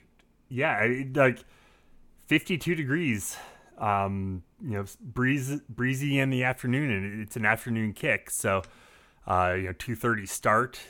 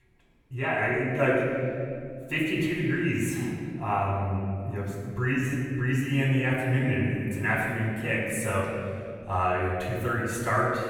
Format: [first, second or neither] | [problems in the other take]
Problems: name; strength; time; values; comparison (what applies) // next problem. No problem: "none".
first | off-mic speech; far // room echo; noticeable; dies away in 2.4 s